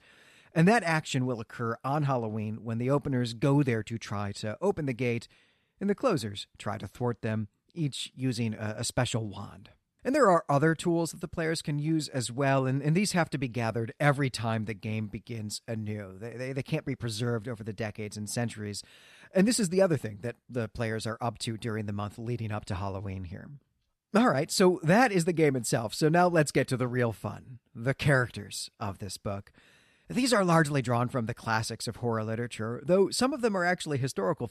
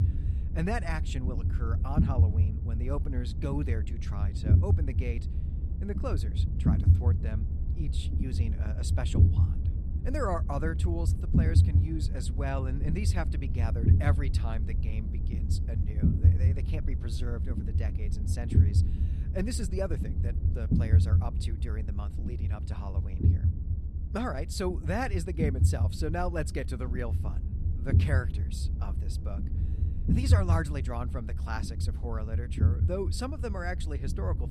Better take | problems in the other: first | low rumble; loud; throughout; 5 dB below the speech

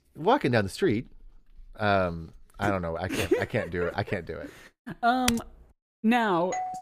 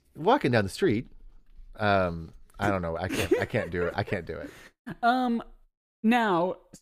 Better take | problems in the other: second | keyboard typing; very faint; at 5.5 s; peak 4 dB below the speech // doorbell; very faint; at 6.5 s; peak 7 dB below the speech

